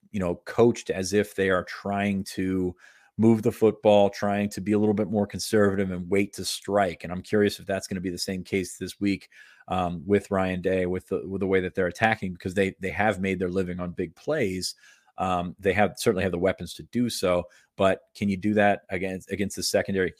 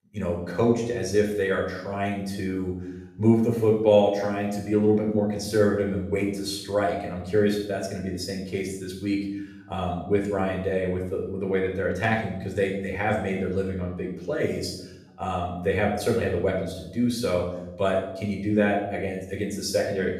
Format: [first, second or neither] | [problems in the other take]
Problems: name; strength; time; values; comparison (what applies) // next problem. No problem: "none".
first | off-mic speech; somewhat distant // room echo; noticeable; dies away in 0.8 s